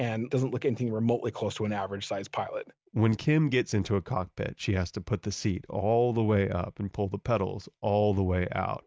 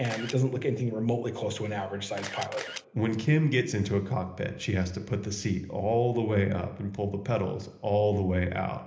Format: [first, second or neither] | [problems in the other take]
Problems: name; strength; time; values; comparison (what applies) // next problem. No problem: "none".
first | background sound (Camera); 11 dB below the speech // room echo; dies away in 0.8 s